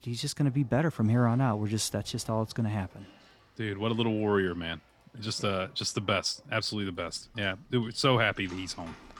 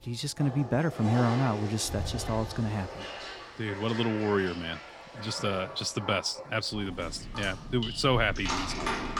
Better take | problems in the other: first | household noises; loud; throughout; 8 dB below the speech; faint in the first

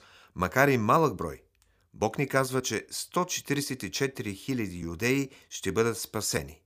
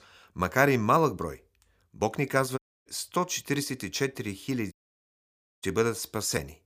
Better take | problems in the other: first | audio cutting out; at 2.5 s and at 4.5 s for 1 s

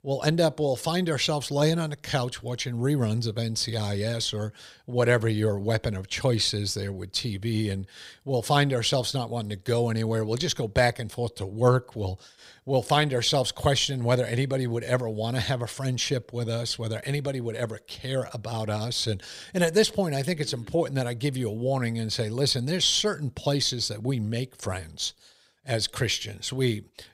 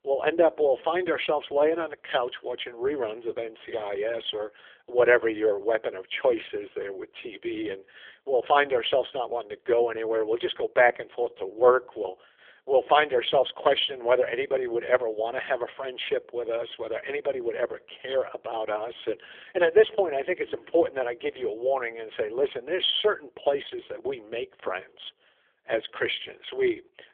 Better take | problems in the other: first | phone-call audio; poor line; nothing above 3.5 kHz

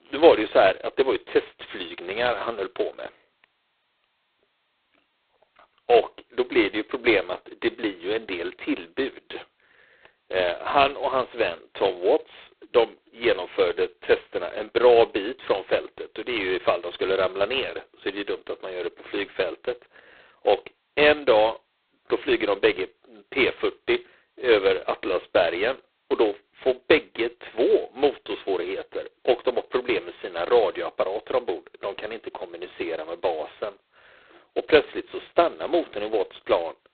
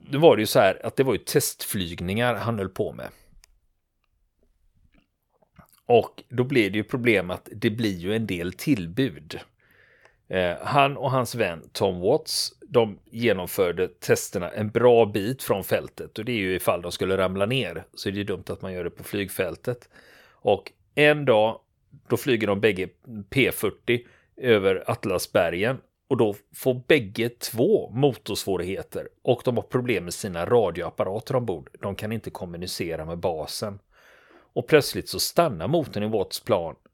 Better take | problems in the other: second | phone-call audio; poor line; nothing above 4 kHz

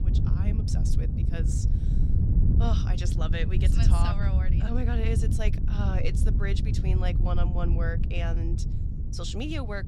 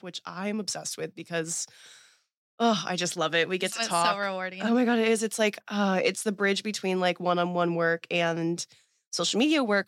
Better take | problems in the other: second | wind noise on the microphone; heavy; 4 dB below the speech

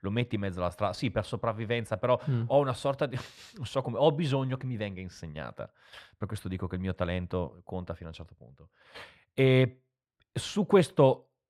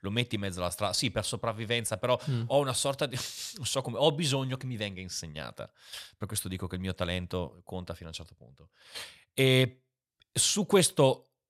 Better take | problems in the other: second | muffled; very; fading above 3.5 kHz

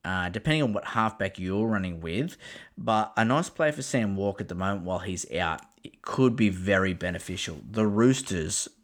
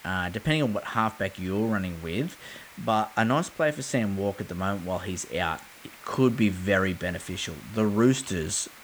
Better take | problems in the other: first | hiss; noticeable; throughout; 20 dB below the speech

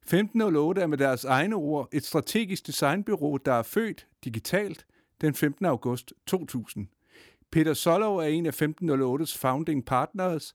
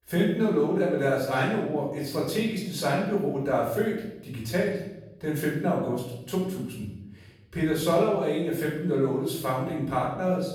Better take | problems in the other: first | off-mic speech; far // room echo; noticeable; dies away in 0.8 s

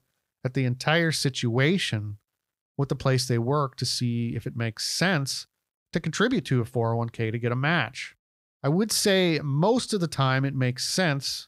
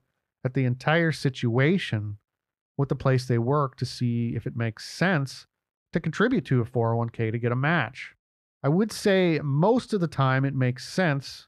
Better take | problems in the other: first | muffled; slightly; fading above 3 kHz

